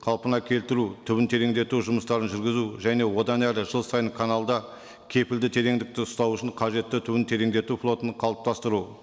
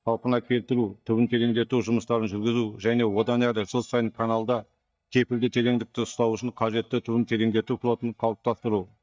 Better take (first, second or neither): first